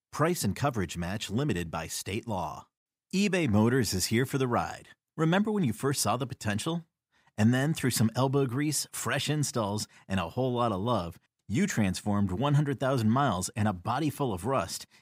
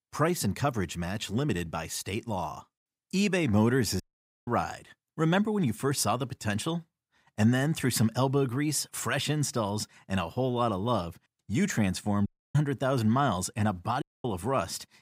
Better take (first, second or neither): first